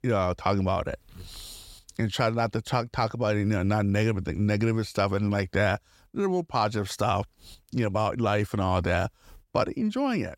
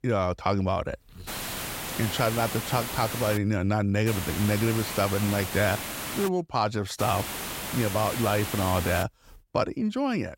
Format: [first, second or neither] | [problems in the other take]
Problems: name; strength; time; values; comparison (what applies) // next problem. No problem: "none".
first | hiss; loud; from 1.5 to 3.5 s, from 4 to 6.5 s and from 7 to 9 s; 5 dB below the speech